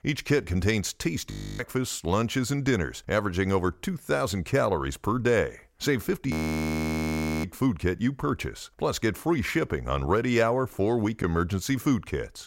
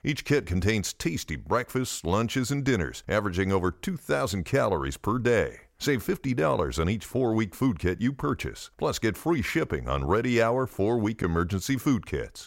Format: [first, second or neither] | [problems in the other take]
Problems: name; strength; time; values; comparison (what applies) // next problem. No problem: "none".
second | audio freezing; at 1.5 s and at 6.5 s for 1 s